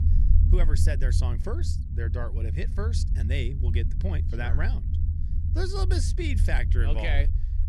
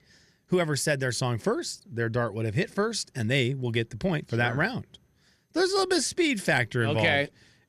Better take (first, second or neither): second